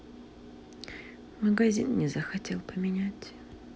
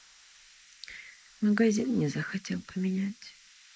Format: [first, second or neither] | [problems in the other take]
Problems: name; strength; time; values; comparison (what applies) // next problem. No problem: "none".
first | noise reduction (neural mask model Resemble Enhance denoiser)